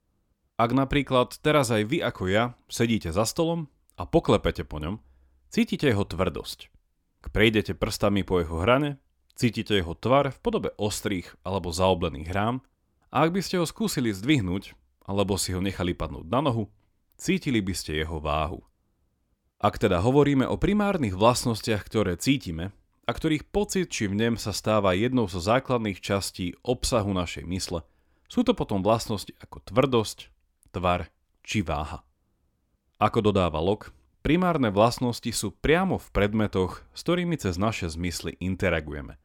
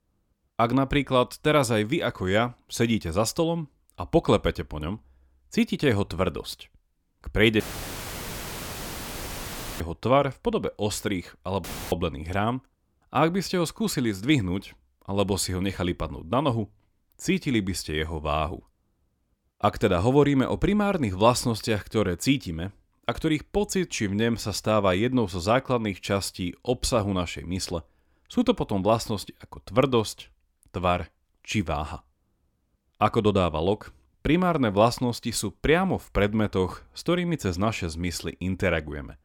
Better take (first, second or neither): first